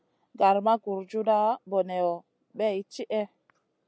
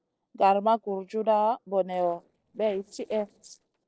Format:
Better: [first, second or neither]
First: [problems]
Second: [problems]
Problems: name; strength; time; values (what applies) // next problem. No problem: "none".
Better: first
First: none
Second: noise reduction (neural separator model SepFormer DNS4)